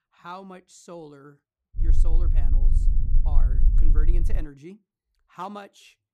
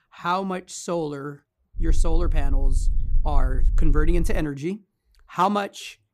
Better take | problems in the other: second | low rumble; loud; from 2 to 4.5 s; 6 dB below the speech; faint in the second

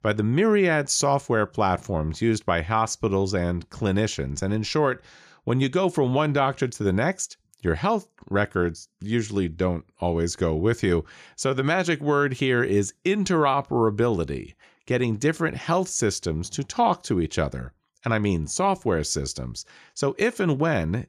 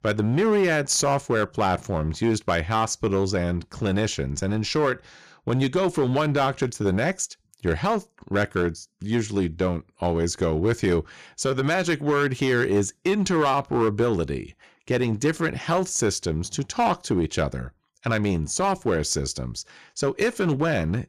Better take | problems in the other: first | distortion; slight; 6% of the sound clipped

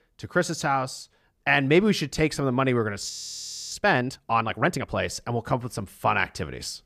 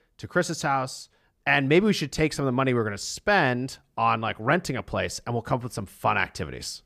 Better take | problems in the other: second | audio freezing; at 3 s for 0.5 s

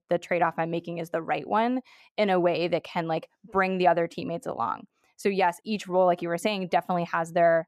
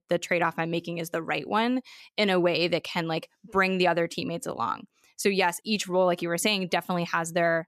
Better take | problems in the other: second | muffled; slightly; fading above 2.5 kHz

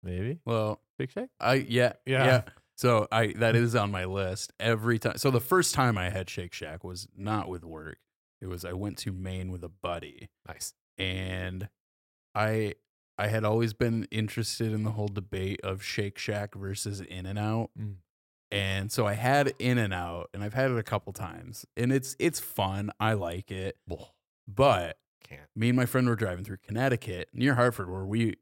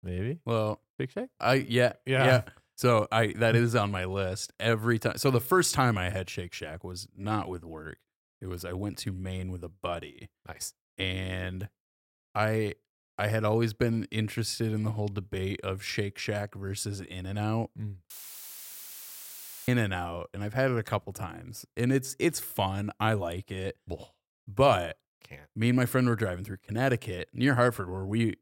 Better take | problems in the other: first | audio cutting out; filled with static; at 18 s for 1.5 s

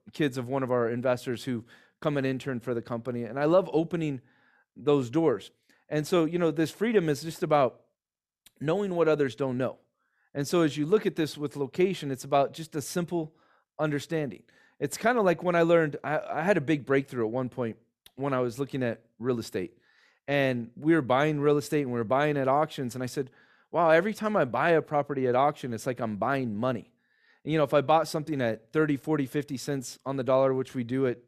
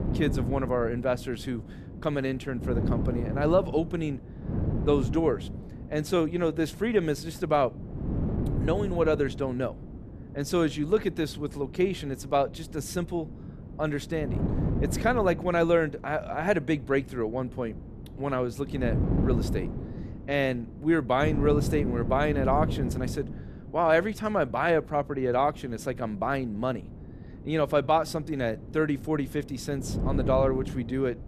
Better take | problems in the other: first | wind noise on the microphone; occasional gusts; 15 dB below the speech

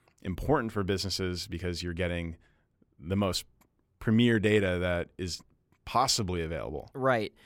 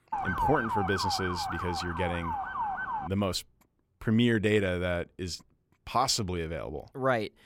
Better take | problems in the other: first | siren; loud; until 3 s; peak 1 dB above the speech

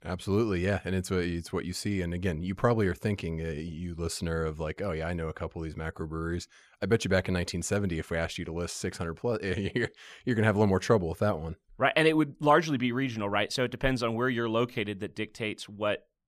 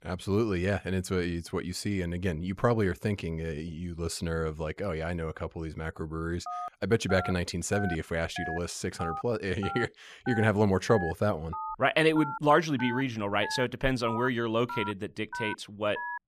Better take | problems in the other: first | phone ringing; noticeable; from 6.5 s on; peak 7 dB below the speech

